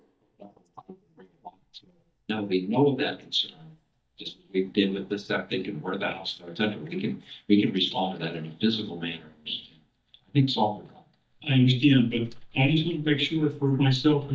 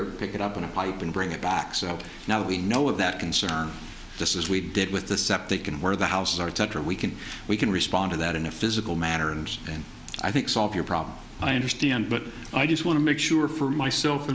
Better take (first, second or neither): second